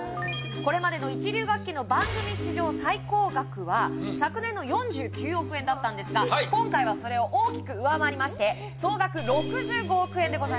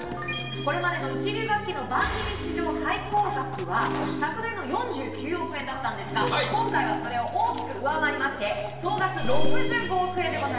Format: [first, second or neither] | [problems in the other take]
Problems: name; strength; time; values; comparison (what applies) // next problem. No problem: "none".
first | background sound (Dog); 18 dB below the speech // room echo; dies away in 1 s